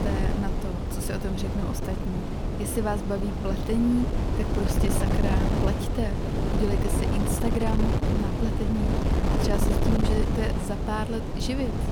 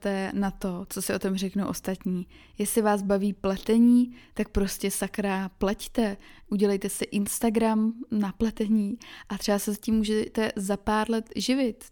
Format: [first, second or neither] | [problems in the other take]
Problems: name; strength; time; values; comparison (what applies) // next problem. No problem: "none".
second | wind noise on the microphone; heavy; 1 dB above the speech